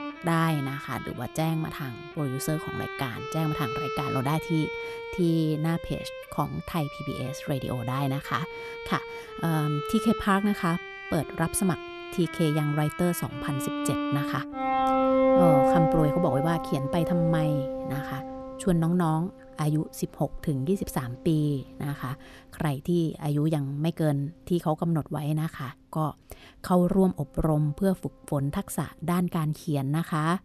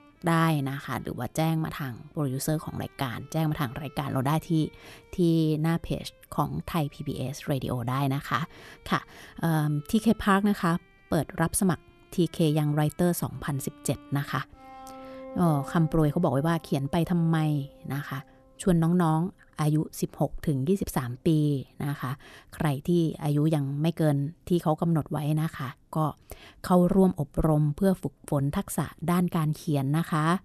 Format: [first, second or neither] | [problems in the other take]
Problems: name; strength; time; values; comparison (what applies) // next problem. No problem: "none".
second | background music; loud; throughout; 3 dB below the speech; faint in the second